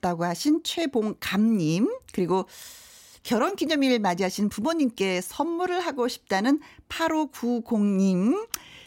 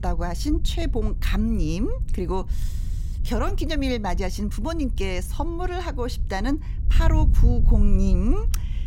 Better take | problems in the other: first | wind noise on the microphone; occasional gusts; 15 dB below the speech

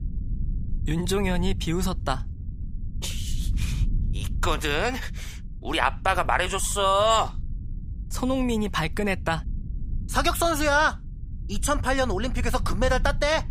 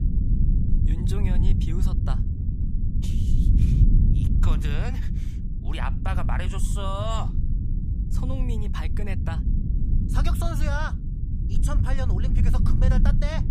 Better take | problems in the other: first | low rumble; loud; throughout; 4 dB below the speech; faint in the first

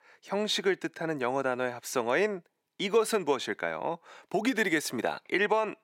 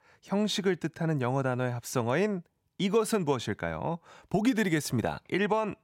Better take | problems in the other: second | thin; somewhat; fading below 350 Hz

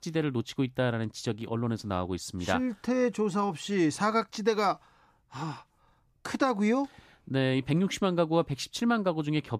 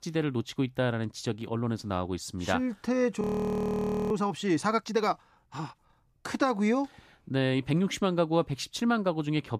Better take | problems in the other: first | audio freezing; at 3 s for 1 s

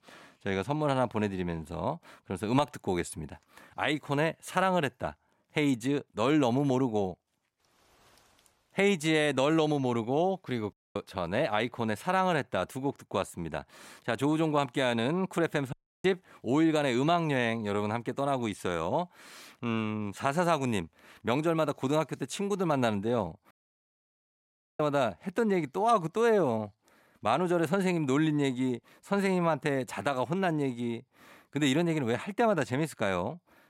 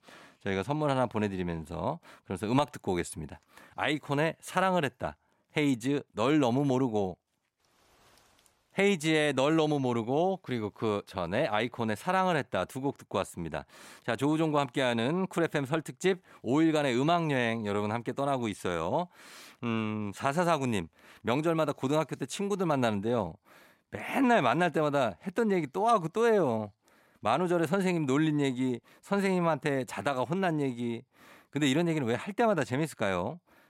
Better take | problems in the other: second | audio cutting out; at 11 s, at 16 s and at 24 s for 1.5 s

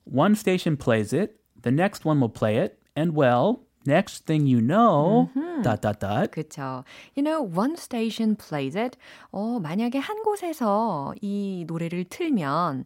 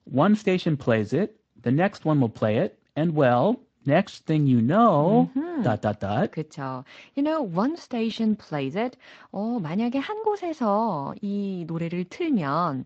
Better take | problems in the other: first | garbled, watery; slightly; nothing above 8 kHz

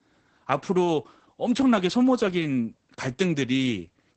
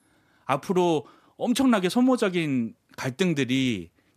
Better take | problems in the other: second | garbled, watery; badly; nothing above 8 kHz

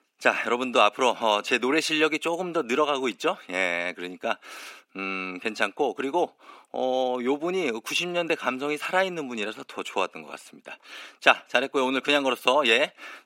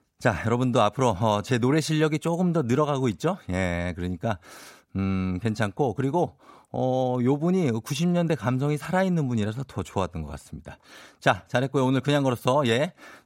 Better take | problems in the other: second | thin; somewhat; fading below 300 Hz

